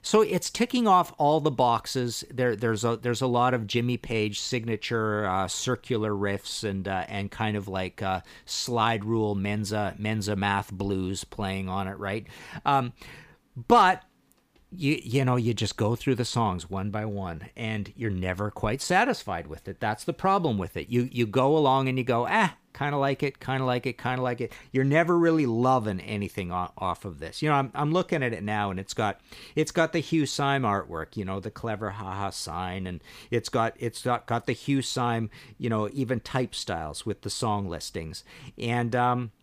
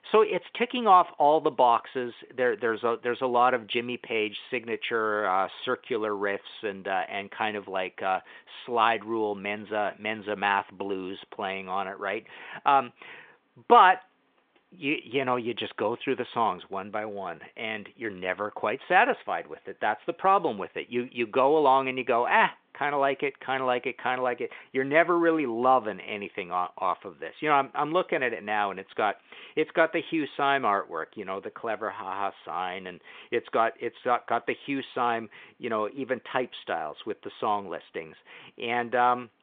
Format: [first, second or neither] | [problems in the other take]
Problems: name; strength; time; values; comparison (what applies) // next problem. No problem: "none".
first | phone-call audio